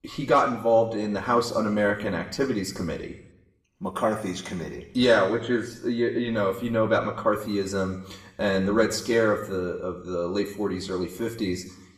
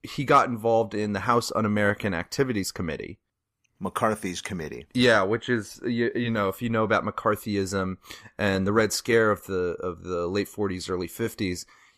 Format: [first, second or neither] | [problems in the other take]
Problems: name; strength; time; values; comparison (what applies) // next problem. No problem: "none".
second | room echo; slight; dies away in 0.8 s // off-mic speech; somewhat distant